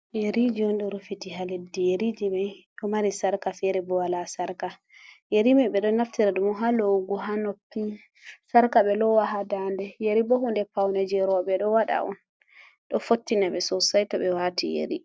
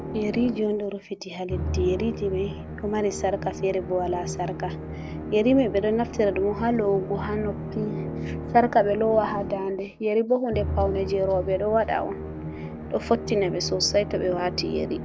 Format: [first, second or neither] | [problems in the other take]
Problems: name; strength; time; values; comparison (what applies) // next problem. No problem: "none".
first | background sound (Musical instrument); 7 dB below the speech